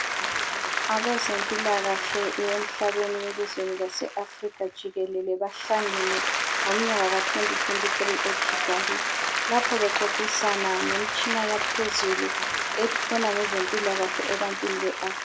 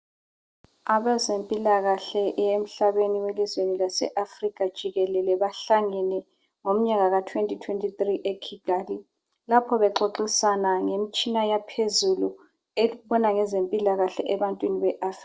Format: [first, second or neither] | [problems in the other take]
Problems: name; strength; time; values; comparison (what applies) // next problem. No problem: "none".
second | background sound (Applause); 1 dB above the speech